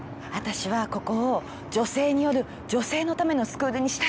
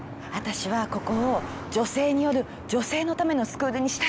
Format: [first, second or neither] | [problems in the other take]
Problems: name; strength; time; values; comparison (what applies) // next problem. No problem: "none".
first | background sound (Cricket); 16 dB below the speech